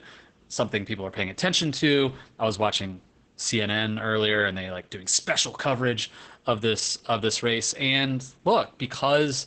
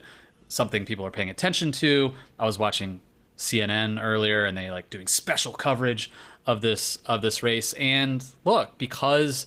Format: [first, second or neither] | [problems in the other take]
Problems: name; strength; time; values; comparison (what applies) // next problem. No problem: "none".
second | garbled, watery; badly; nothing above 8 kHz; slightly in the second